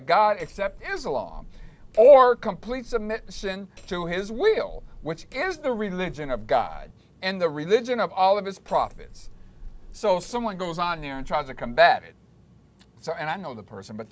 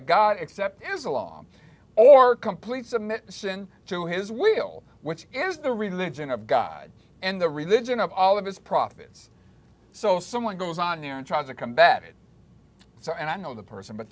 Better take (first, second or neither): second